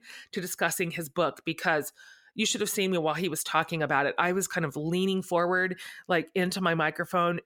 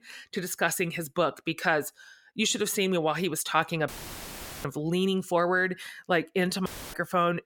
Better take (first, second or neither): first